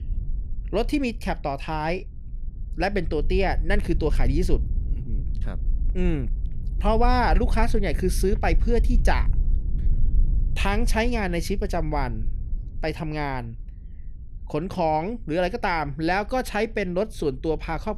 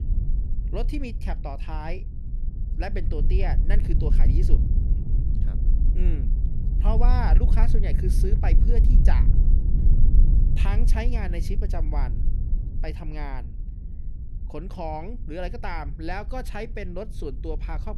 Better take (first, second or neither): first